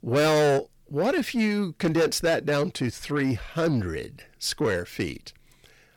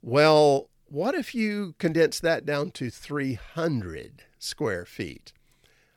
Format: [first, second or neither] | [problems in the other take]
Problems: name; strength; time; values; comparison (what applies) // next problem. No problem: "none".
second | distortion; heavy; 7 dB below the speech